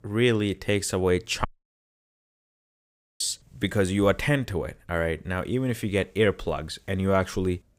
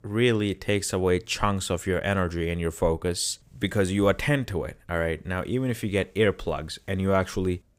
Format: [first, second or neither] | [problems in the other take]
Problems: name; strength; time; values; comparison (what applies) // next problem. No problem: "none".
second | audio cutting out; at 1.5 s for 2 s